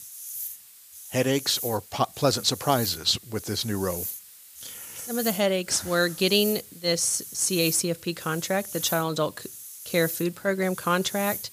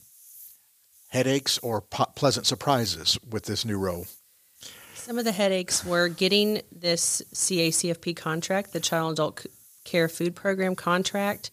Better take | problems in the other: second | hiss; loud; throughout; 10 dB below the speech; faint in the second

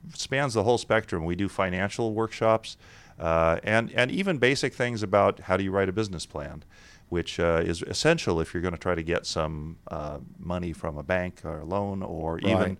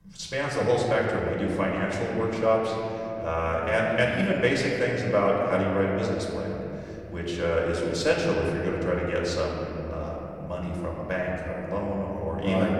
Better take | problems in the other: first | room echo; noticeable; dies away in 3 s // off-mic speech; far

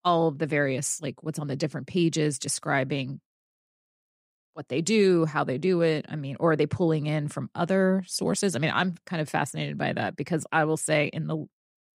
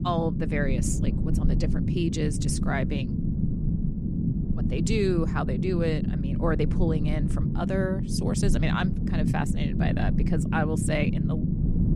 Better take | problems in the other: first | low rumble; loud; throughout; 4 dB below the speech

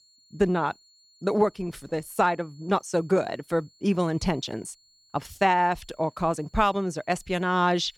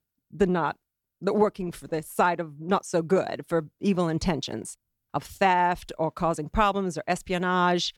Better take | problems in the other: second | high-pitched whine; faint; throughout; 4.5 kHz, 30 dB below the speech

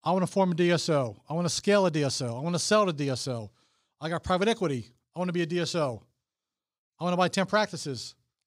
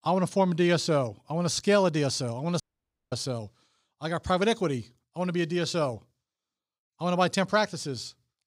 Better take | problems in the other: first | audio cutting out; at 2.5 s for 0.5 s

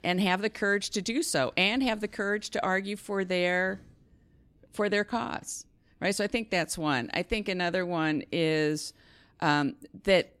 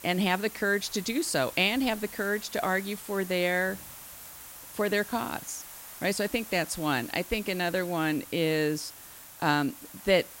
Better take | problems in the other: first | hiss; noticeable; throughout; 15 dB below the speech

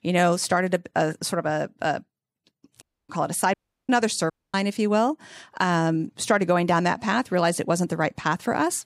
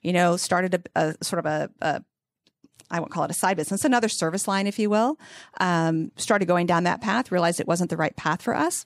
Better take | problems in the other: second | audio cutting out; at 3 s, at 3.5 s and at 4.5 s

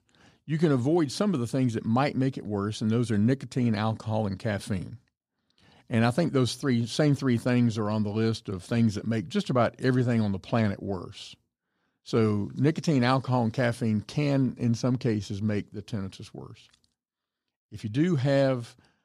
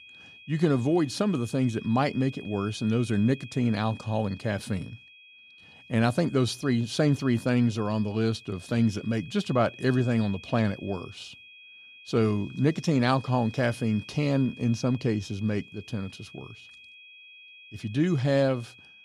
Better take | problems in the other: first | high-pitched whine; noticeable; throughout; 2.5 kHz, 20 dB below the speech

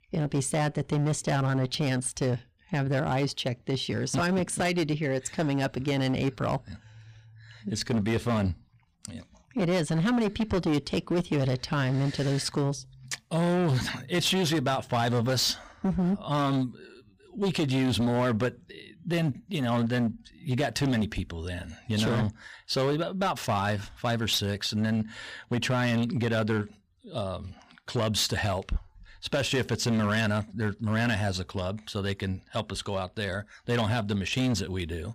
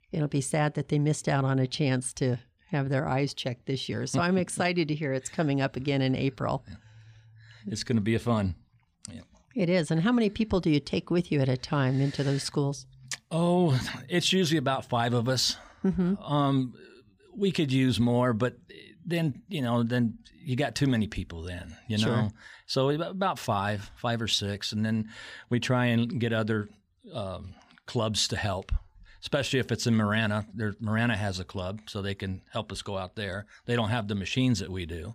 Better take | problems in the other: second | distortion; slight; 13% of the sound clipped

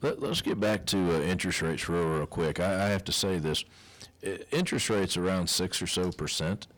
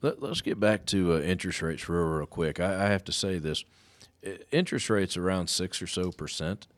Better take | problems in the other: second | distortion; heavy; 7 dB below the speech

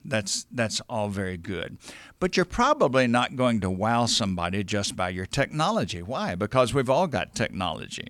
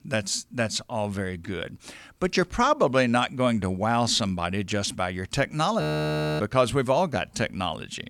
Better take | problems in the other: first | audio freezing; at 6 s for 0.5 s

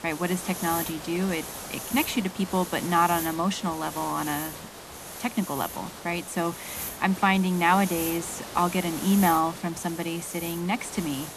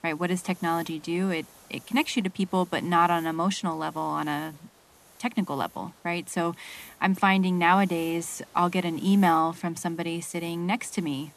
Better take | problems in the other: second | hiss; loud; throughout; 9 dB below the speech; faint in the second

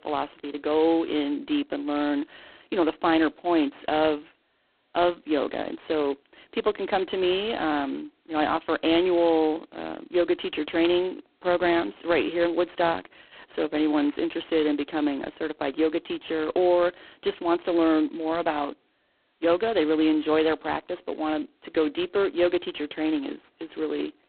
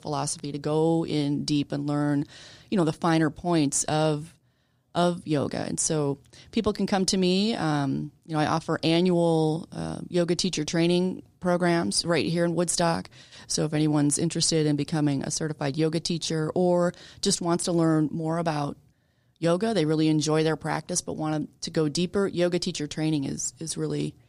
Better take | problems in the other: second | phone-call audio; poor line; nothing above 4 kHz

